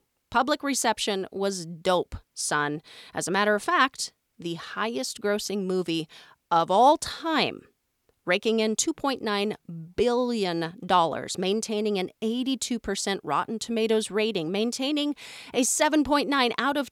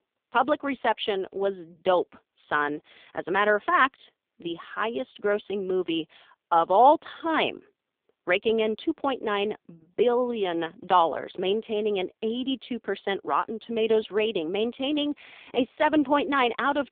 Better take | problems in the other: first | phone-call audio; poor line; nothing above 3.5 kHz

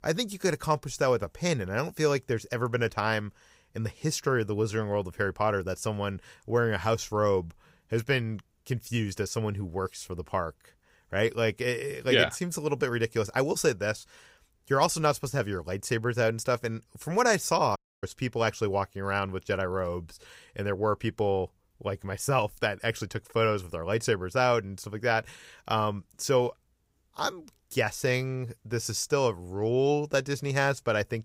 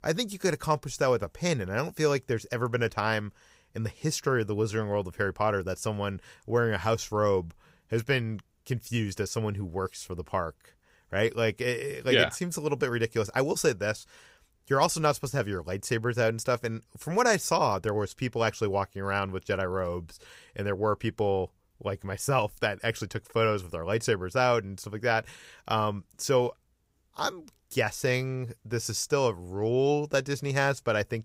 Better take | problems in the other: second | audio cutting out; at 18 s

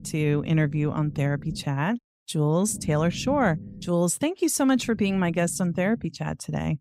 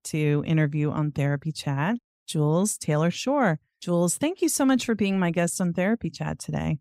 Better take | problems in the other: second | low rumble; faint; until 1.5 s, from 2.5 to 4 s and from 5 to 6 s; 20 dB below the speech

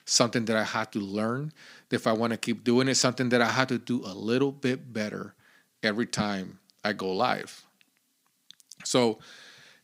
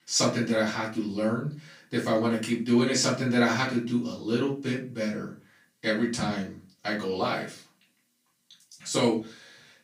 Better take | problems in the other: first | off-mic speech; far // room echo; slight; dies away in 0.3 s

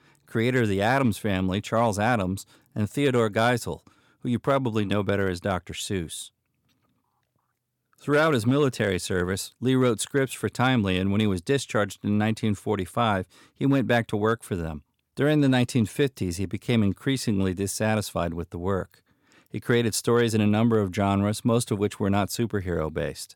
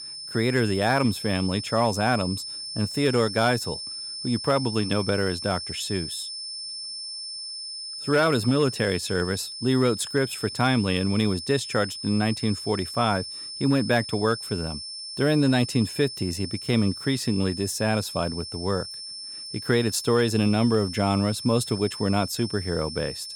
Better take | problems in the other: first | high-pitched whine; loud; throughout; 5.5 kHz, 8 dB below the speech

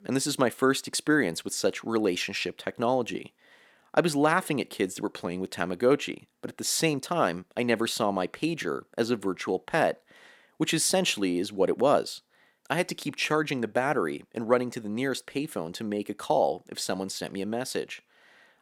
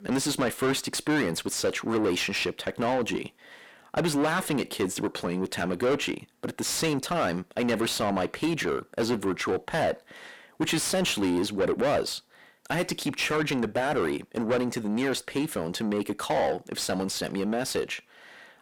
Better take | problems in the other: first | distortion; heavy; 6 dB below the speech

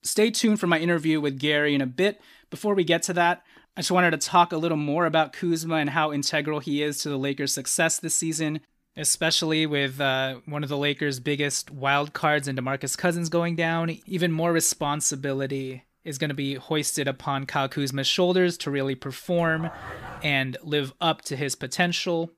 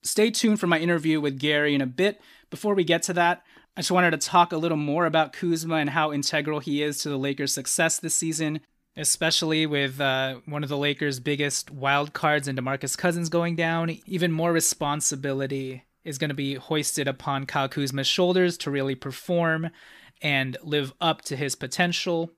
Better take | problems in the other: second | dog barking; faint; at 19 s; peak 15 dB below the speech

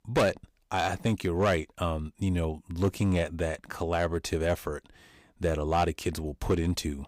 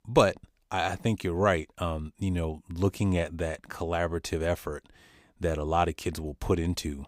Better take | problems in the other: second | distortion; slight; 3% of the sound clipped

